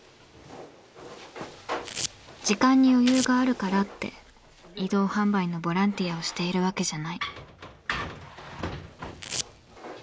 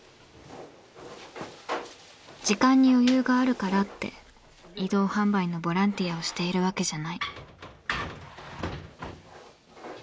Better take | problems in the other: second | background sound (Domestic sounds, home sounds); 11 dB below the speech

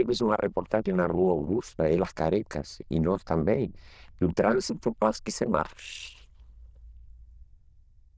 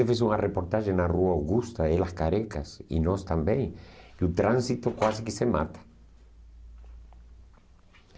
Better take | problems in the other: second | noise reduction (neural diffusion model UNIVERSE++)

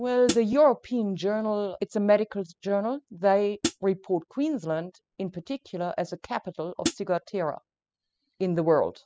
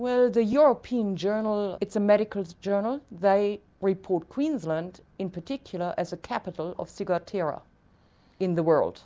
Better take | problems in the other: second | noise reduction (classical method spectral subtraction)

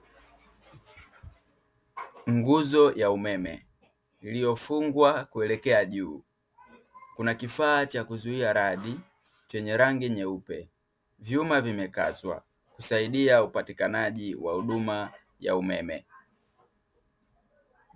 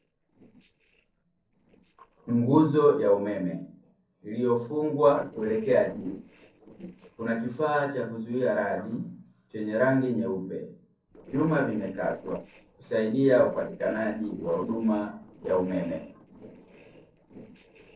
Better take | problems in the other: first | noise reduction (neural separator model SepFormer DNS4)

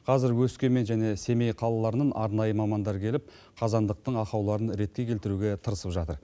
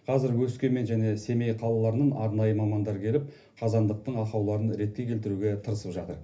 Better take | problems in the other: first | room echo; dies away in 0.3 s

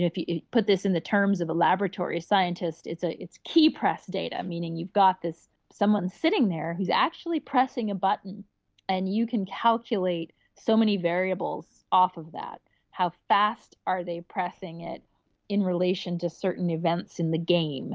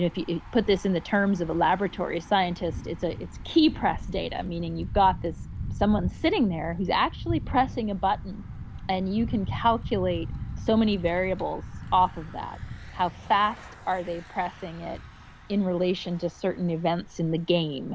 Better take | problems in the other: first | background sound (Thunder / Bicycle); 11 dB below the speech

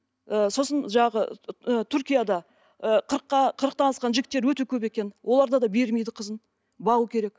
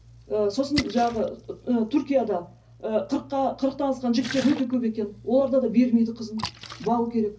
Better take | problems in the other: first | background sound (Splash, splatter); 15 dB below the speech // room echo; dies away in 0.4 s

